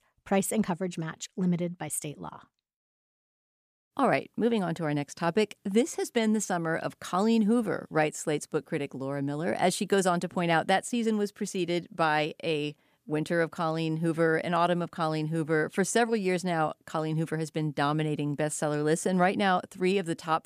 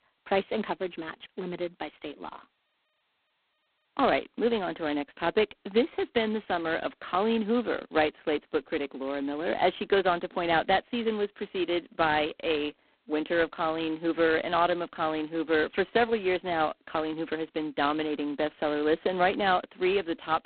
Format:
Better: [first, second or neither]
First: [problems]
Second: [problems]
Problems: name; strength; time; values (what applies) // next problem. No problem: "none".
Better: first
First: none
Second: phone-call audio; poor line; nothing above 4 kHz